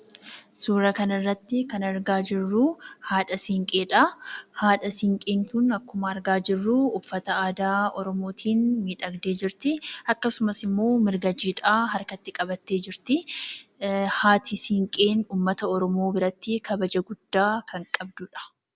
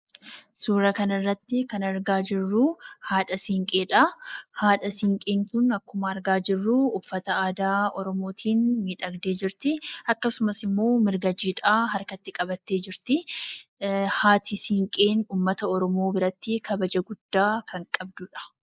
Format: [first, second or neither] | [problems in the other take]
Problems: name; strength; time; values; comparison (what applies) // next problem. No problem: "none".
first | noise reduction (neural mask model Resemble Enhance denoiser)